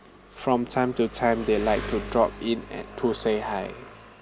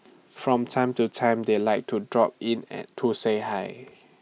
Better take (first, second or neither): second